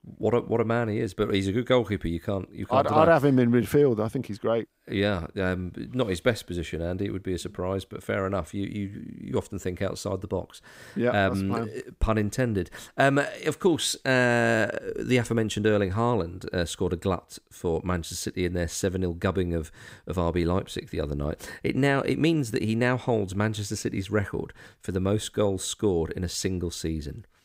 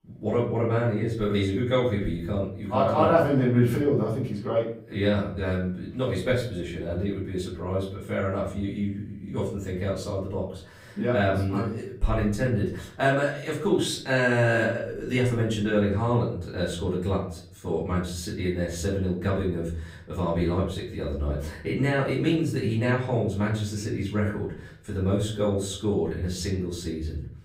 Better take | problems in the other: first | room echo; noticeable; dies away in 0.5 s // off-mic speech; far

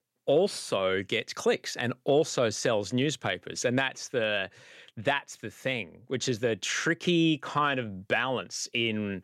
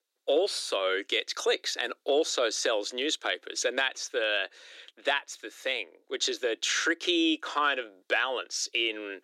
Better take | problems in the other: first | thin; very; fading below 300 Hz

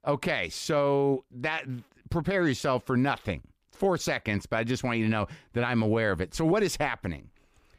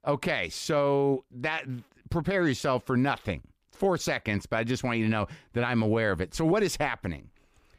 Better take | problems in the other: neither | none

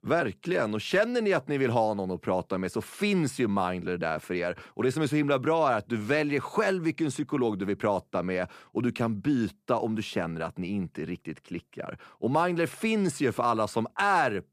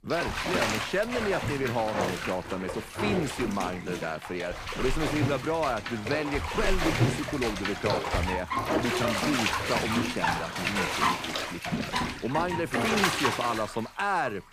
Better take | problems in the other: first | household noises; very loud; throughout; 1 dB above the speech

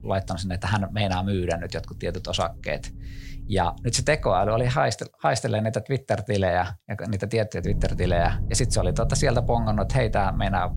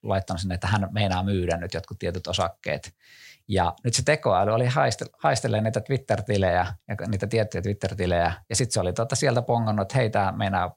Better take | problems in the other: second | low rumble; faint; until 5 s and from 7.5 s on; 20 dB below the speech

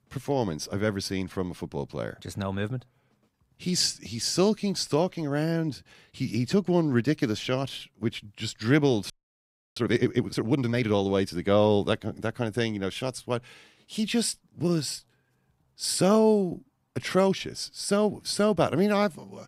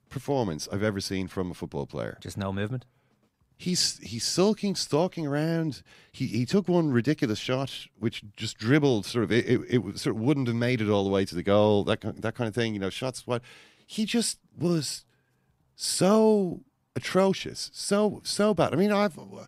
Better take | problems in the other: second | audio freezing; at 9 s for 0.5 s

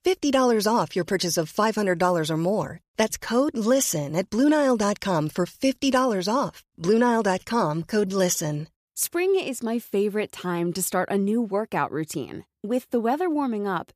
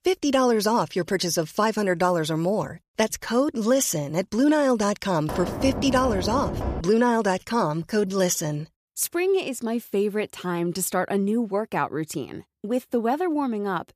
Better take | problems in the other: first | door banging; noticeable; from 5.5 to 7 s; peak 5 dB below the speech

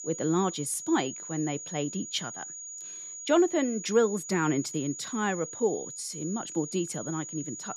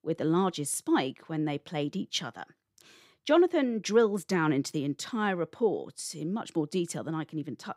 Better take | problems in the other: second | high-pitched whine; loud; throughout; 7 kHz, 9 dB below the speech

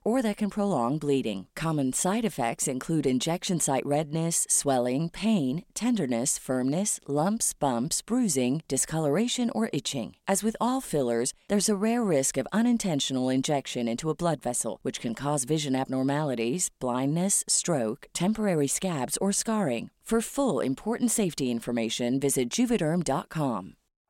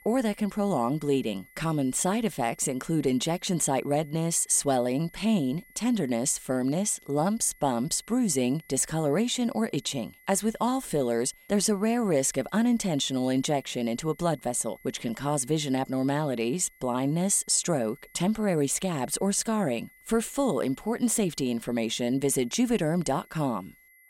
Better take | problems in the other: first | high-pitched whine; faint; throughout; 2 kHz, 25 dB below the speech

